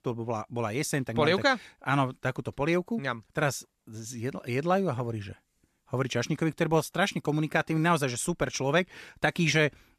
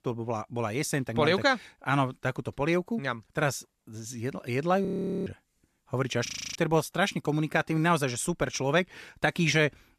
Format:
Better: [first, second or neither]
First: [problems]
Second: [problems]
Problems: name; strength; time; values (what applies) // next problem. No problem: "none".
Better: first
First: none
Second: audio freezing; at 5 s and at 6.5 s